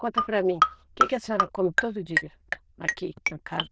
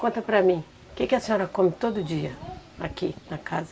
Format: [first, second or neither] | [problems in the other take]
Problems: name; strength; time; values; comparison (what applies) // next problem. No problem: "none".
second | noise reduction (neural diffusion model UNIVERSE++)